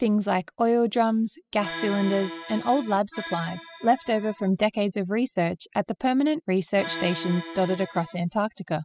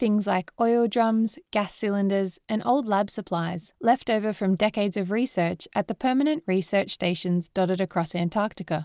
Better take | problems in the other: second | noise reduction (classical method spectral subtraction)

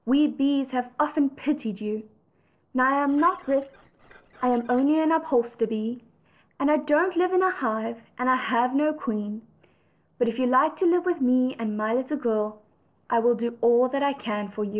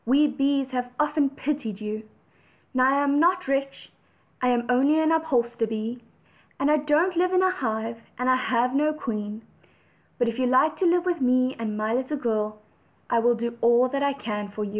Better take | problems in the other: second | noise reduction (neural separator model SepFormer DNS4)

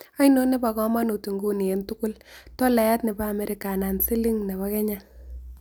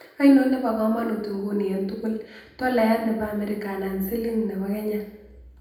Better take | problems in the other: first | room echo; dies away in 0.8 s

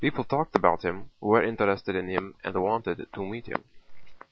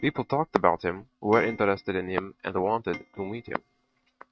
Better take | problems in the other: first | noise reduction (neural mask model RNNoise)

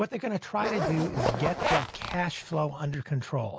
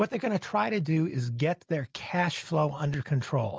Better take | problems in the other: second | background sound (Zipper (clothing)); 1 dB below the speech

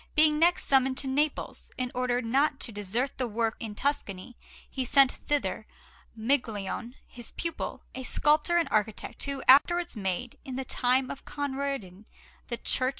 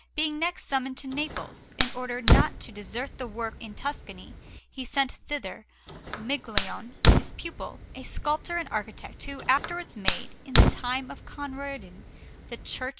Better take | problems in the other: first | background sound (Fire); 5 dB above the speech

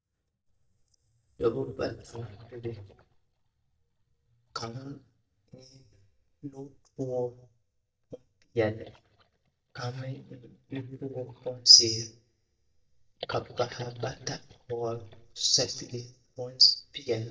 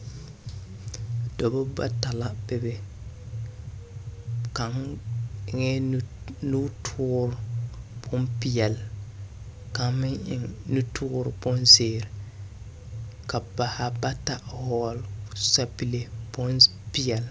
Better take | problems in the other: second | noise reduction (neural mask model DeepFilterNet 3)

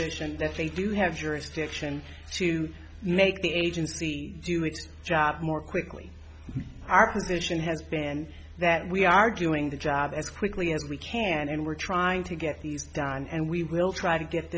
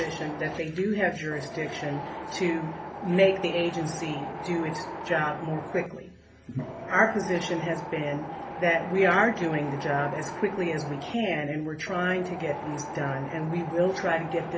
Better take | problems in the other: first | background sound (Wind); 9 dB below the speech // room echo; dies away in 0.3 s

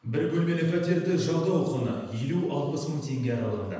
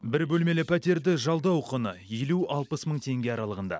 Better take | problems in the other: second | room echo; dies away in 1.1 s

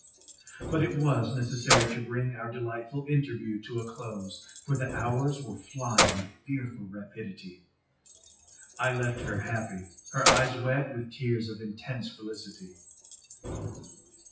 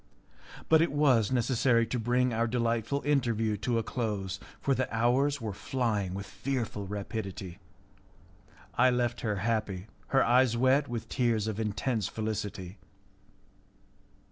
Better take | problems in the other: second | noise reduction (classical method WPE with log-MMSE)

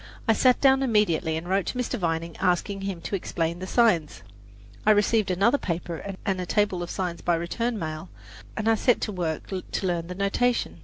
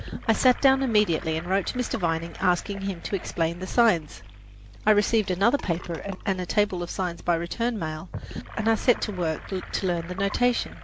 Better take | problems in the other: first | background sound (Sink (filling or washing) / Gurgling); 16 dB below the speech

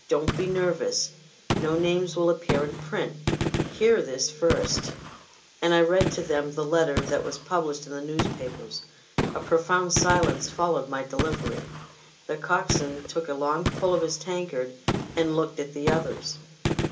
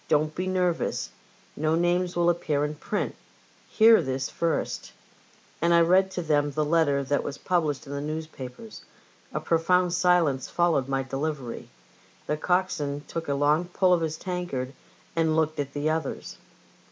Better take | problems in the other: second | background sound (Gunshot, gunfire); 5 dB below the speech // room echo; dies away in 0.2 s

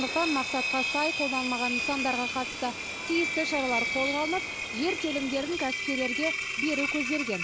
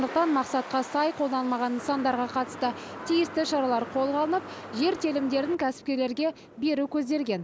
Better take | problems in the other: second | background sound (Engine); 1 dB below the speech

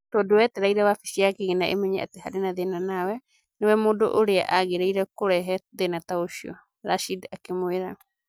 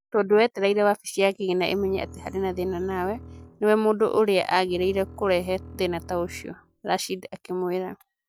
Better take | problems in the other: first | background sound (Bowed string instrument); 18 dB below the speech

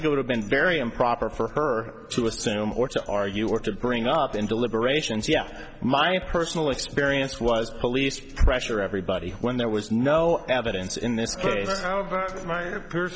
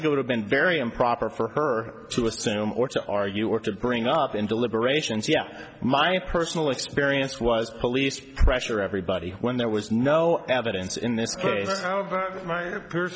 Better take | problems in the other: second | background sound (Drum kit); 16 dB below the speech

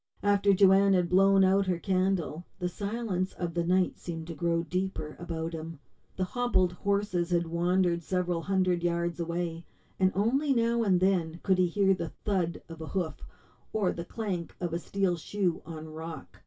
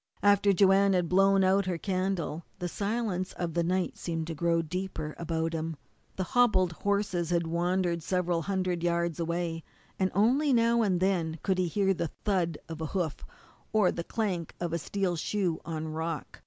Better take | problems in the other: second | room echo; dies away in 0.1 s

